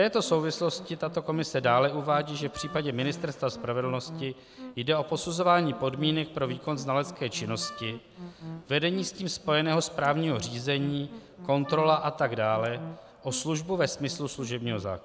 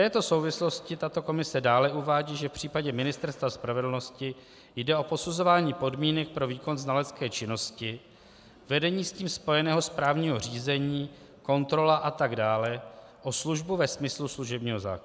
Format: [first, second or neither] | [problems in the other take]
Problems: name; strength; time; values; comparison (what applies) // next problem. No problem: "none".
second | background sound (Wind instrument, woodwind instrument + Musical instrument); 16 dB below the speech